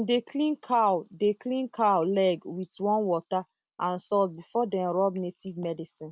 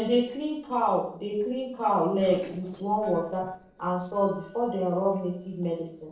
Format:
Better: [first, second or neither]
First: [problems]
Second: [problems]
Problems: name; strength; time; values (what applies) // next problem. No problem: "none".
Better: first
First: none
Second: noise reduction (neural separator model SepFormer DNS4)